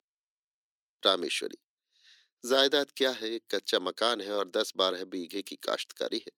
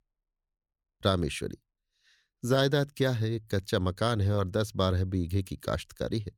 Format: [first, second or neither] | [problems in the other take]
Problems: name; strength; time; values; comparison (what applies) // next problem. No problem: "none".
second | thin; somewhat; fading below 300 Hz